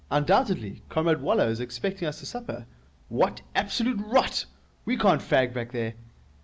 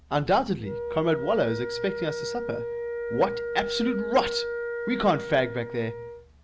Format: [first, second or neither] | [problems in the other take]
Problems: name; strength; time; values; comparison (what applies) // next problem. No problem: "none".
first | background sound (Wind instrument, woodwind instrument); 5 dB below the speech